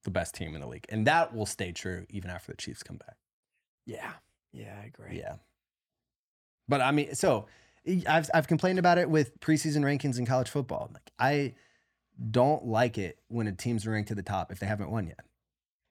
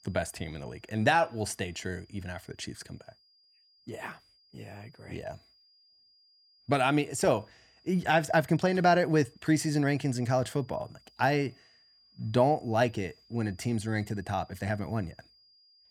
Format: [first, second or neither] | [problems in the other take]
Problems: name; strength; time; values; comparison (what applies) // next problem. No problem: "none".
first | high-pitched whine; faint; throughout; 5 kHz, 30 dB below the speech